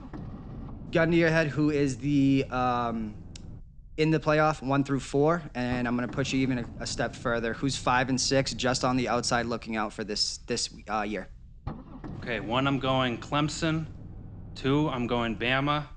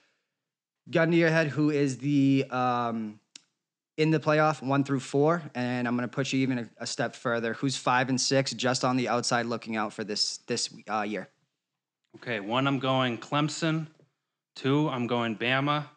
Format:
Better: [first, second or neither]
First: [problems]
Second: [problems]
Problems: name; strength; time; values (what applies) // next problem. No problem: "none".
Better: second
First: low rumble; faint; throughout; 25 dB below the speech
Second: none